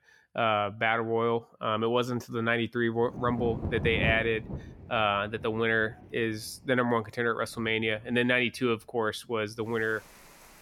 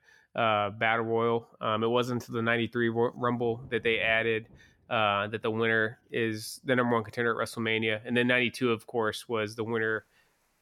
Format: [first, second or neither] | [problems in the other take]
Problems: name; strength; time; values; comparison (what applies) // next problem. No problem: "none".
second | rain or running water; loud; from 3 s on; 9 dB below the speech; faint in the second